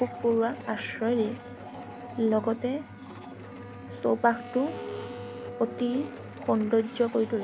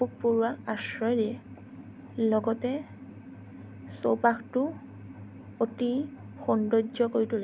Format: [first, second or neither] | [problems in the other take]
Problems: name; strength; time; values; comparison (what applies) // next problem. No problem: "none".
second | background sound (Domestic sounds, home sounds); 13 dB below the speech